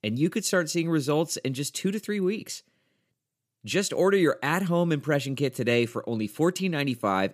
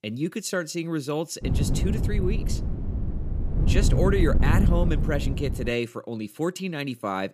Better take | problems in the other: first | wind noise on the microphone; heavy; from 1.5 to 5.5 s; 7 dB below the speech

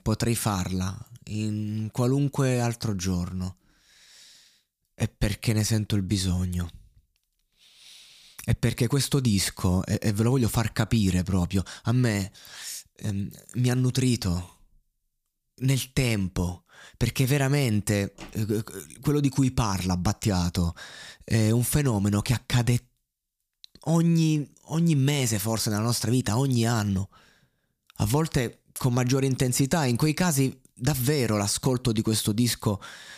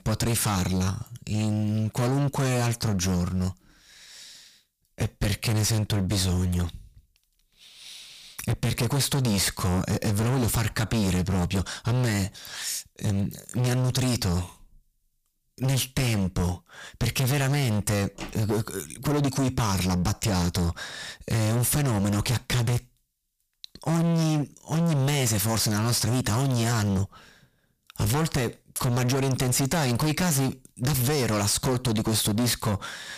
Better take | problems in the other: first | distortion; heavy; 24% of the sound clipped

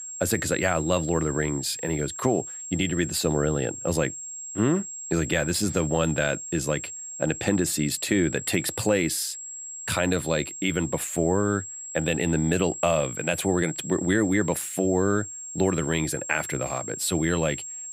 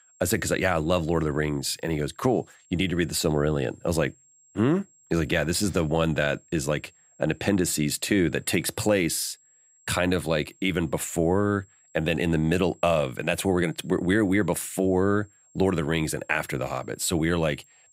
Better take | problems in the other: second | high-pitched whine; loud; throughout; 7.5 kHz, 8 dB below the speech; faint in the second

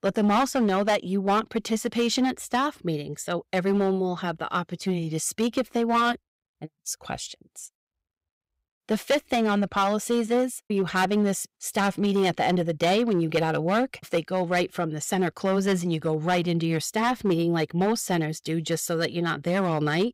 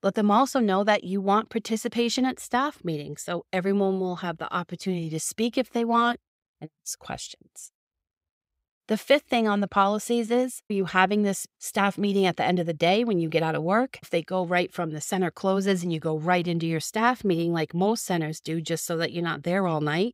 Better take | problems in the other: second | distortion; slight; 6% of the sound clipped

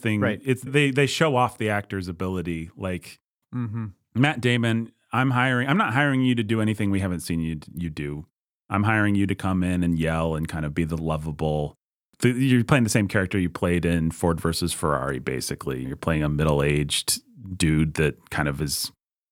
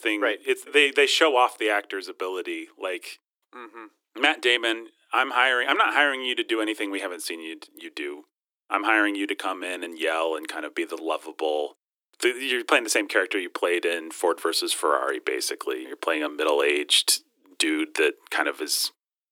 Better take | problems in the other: first | thin; very; fading below 300 Hz

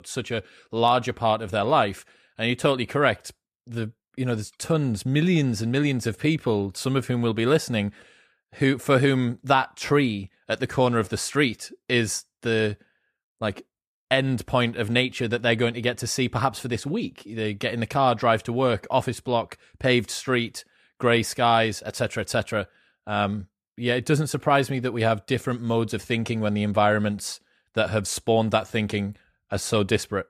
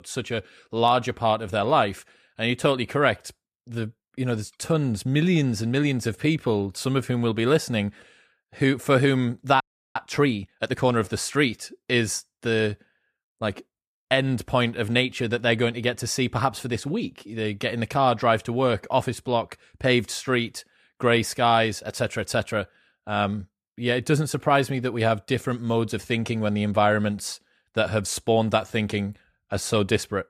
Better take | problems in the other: first | audio freezing; at 9.5 s

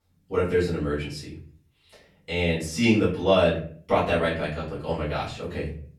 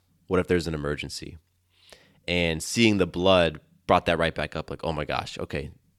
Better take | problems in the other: second | off-mic speech; far // room echo; noticeable; dies away in 0.5 s

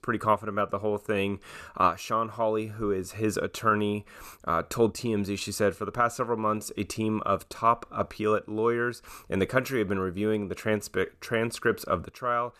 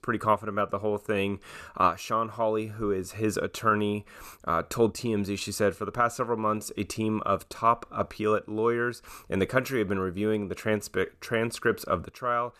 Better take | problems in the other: neither | none

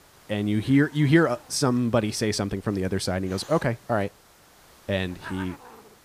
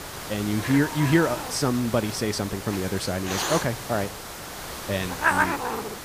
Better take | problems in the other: first | hiss; loud; throughout; 3 dB below the speech; faint in the first

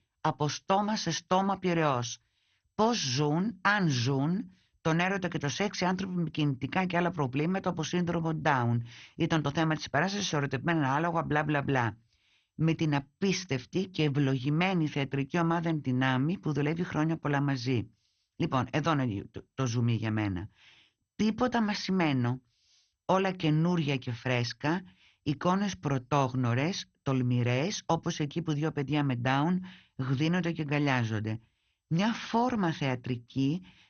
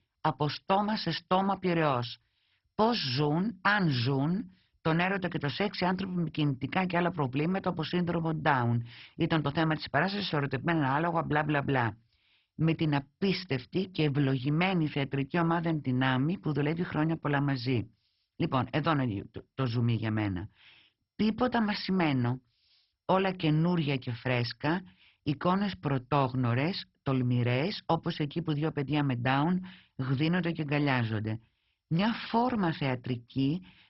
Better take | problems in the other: first | garbled, watery; badly; nothing above 5.5 kHz; slightly in the first

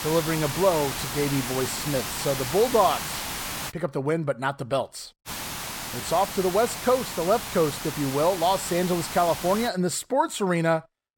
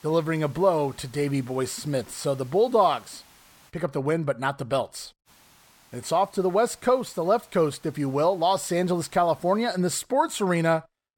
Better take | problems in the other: second | hiss; loud; until 3.5 s and from 5.5 to 9.5 s; 6 dB below the speech; faint in the second

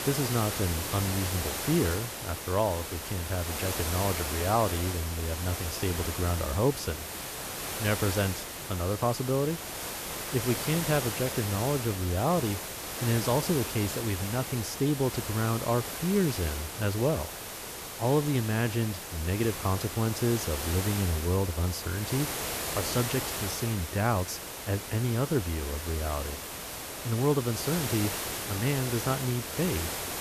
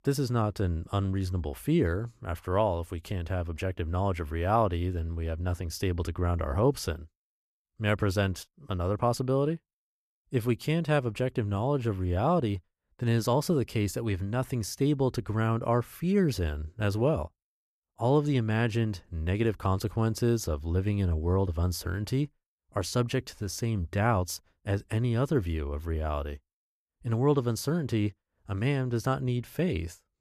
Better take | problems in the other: second | hiss; loud; throughout; 4 dB below the speech

